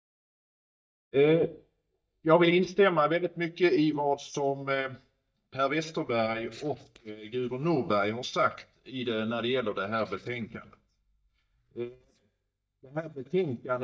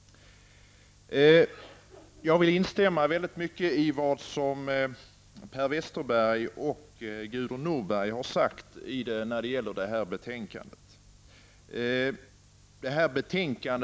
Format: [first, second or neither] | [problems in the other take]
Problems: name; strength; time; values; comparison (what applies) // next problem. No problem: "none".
second | noise reduction (neural mask model DeepFilterNet 3)